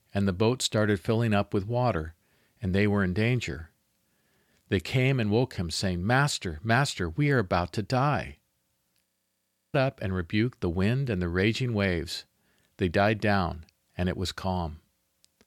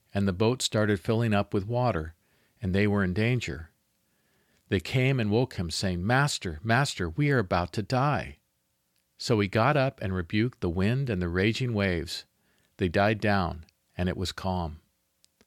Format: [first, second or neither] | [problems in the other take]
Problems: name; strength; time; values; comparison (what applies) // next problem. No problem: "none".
second | audio freezing; at 9 s for 0.5 s